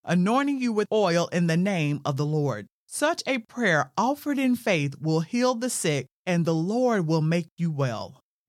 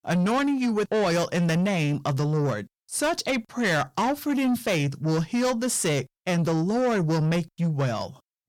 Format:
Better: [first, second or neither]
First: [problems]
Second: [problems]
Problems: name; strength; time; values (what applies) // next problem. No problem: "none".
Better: first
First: none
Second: distortion; slight; 10 dB below the speech